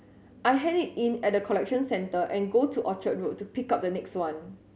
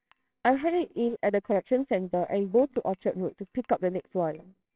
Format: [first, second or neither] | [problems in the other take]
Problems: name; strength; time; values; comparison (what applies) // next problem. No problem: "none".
first | noise reduction (neural separator model SepFormer WHAMR!)